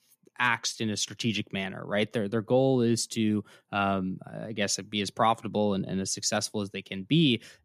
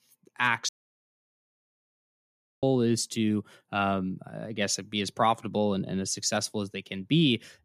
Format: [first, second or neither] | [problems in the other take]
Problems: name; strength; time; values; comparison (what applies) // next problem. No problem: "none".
first | audio cutting out; at 0.5 s for 2 s